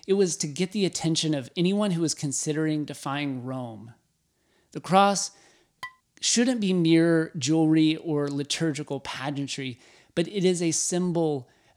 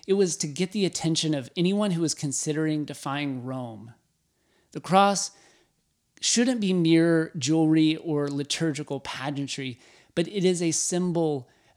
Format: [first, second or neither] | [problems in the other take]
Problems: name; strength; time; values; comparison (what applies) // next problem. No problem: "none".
second | clattering dishes; faint; at 6 s; peak 15 dB below the speech